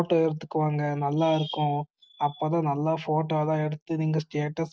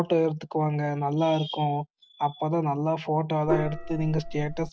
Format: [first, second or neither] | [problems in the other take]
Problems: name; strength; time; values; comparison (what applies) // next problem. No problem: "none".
first | background sound (Gong); 5 dB below the speech